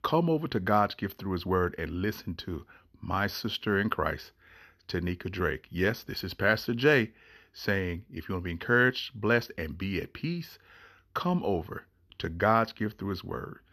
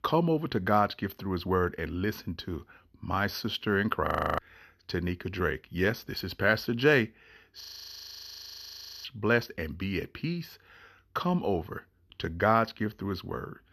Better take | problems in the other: first | audio freezing; at 4 s and at 7.5 s for 1.5 s

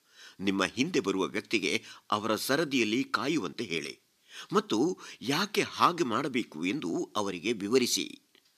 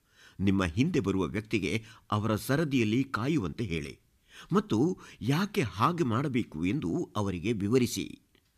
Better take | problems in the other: second | thin; very slightly; fading below 300 Hz

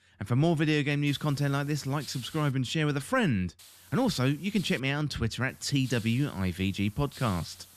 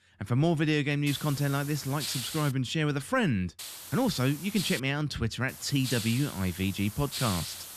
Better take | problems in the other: first | hiss; loud; from 1 to 2.5 s, from 3.5 to 5 s and from 5.5 s on; 8 dB below the speech; faint in the first

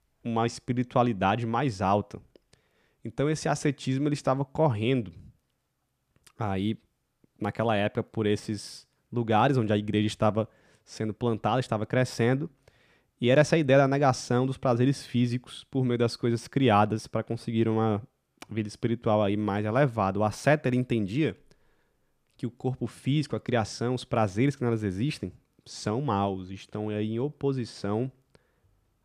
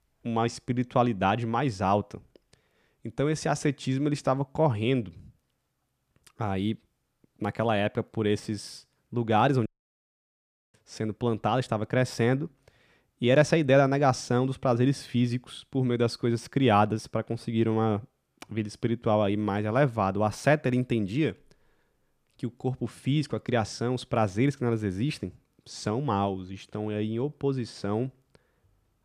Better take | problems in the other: first | audio cutting out; at 9.5 s for 1 s

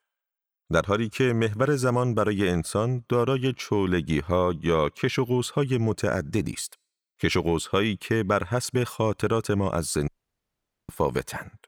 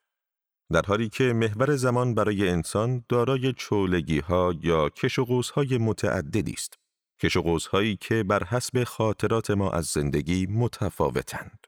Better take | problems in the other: second | audio cutting out; at 10 s for 1 s

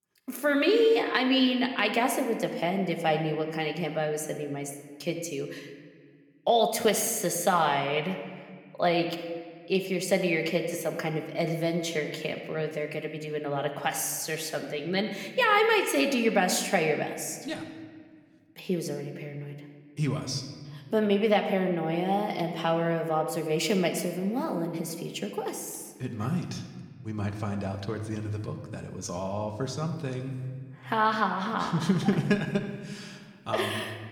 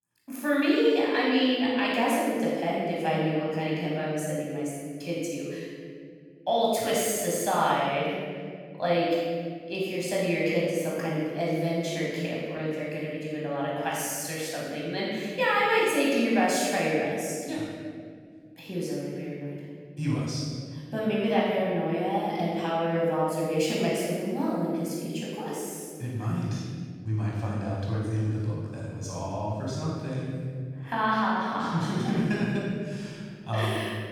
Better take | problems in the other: first | room echo; strong; dies away in 1.9 s; slight in the first // off-mic speech; far

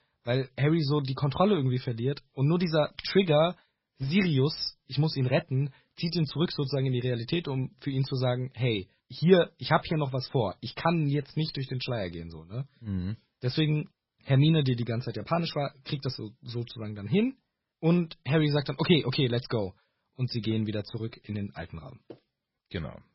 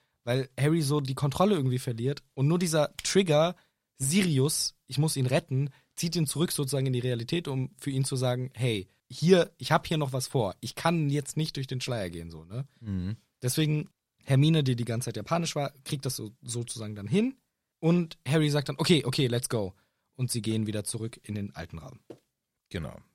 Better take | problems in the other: second | garbled, watery; badly; nothing above 5.5 kHz

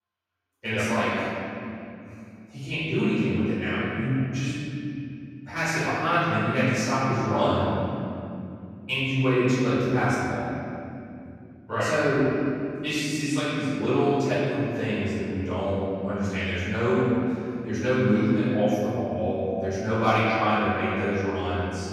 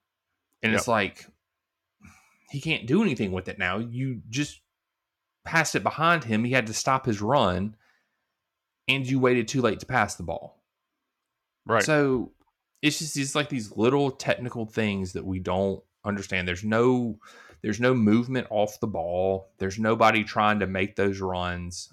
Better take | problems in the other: second | room echo; strong; dies away in 3 s // off-mic speech; far

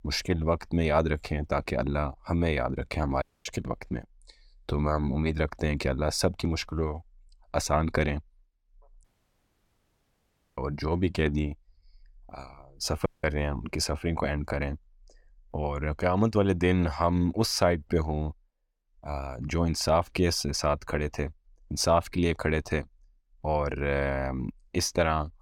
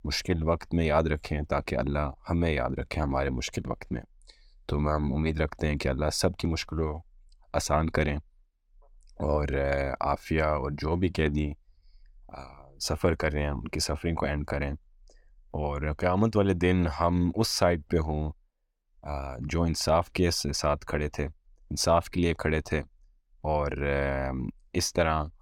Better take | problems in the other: second | audio cutting out; at 3 s, at 9 s for 1.5 s and at 13 s

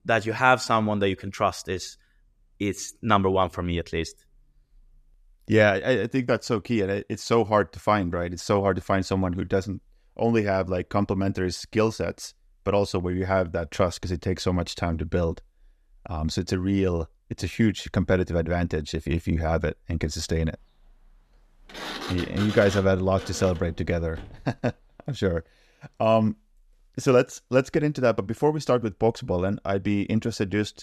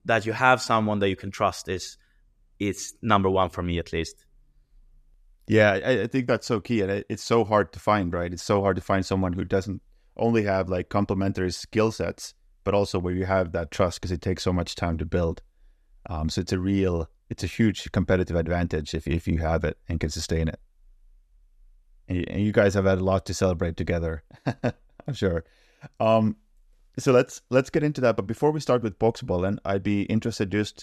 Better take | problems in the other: second | door banging; noticeable; from 22 to 25 s; peak 7 dB below the speech

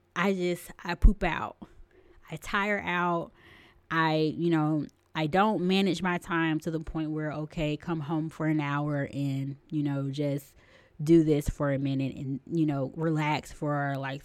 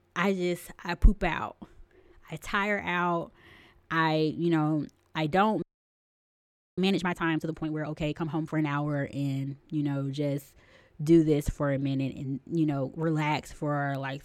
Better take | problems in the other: first | audio freezing; at 5.5 s for 1 s

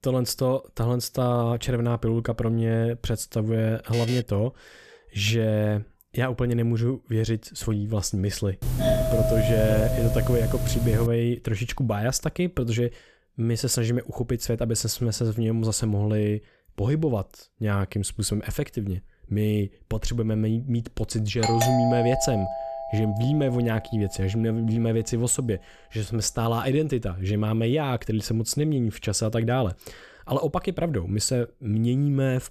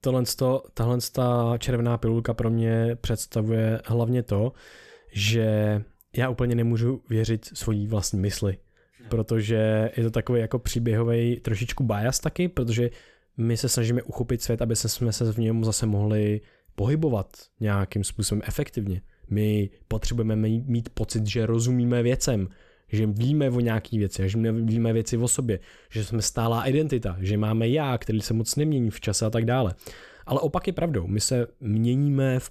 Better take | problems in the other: second | alarm; noticeable; at 4 s; peak 9 dB below the speech // doorbell; loud; from 8.5 to 11 s and from 21 to 24 s; peak 3 dB above the speech

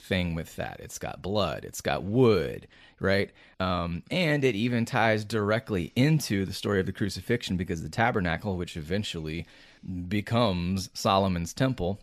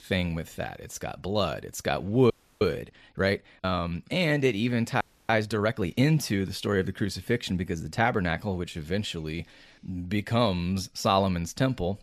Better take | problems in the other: first | audio freezing; at 2.5 s and at 5 s

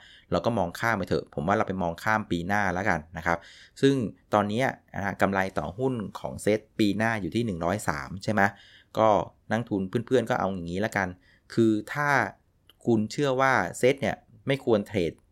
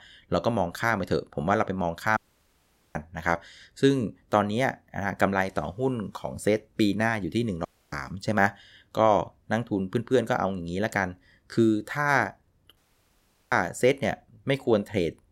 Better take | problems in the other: first | audio cutting out; at 2 s for 1 s, at 7.5 s and at 13 s for 1 s

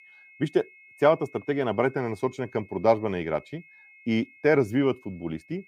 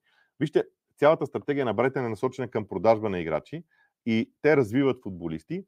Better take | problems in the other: second | high-pitched whine; faint; throughout; 2 kHz, 25 dB below the speech

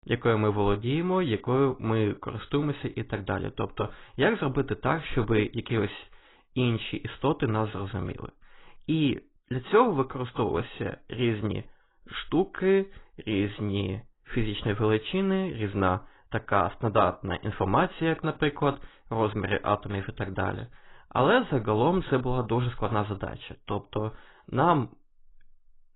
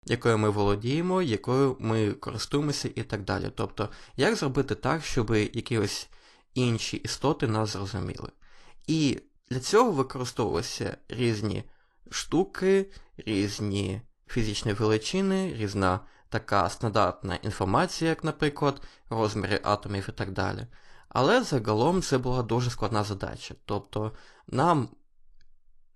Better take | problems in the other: second | garbled, watery; badly; nothing above 4 kHz; slightly in the second

